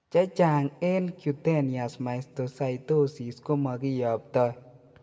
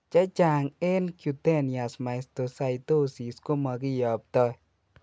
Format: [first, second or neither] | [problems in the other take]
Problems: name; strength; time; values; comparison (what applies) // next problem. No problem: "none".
second | room echo; dies away in 1.6 s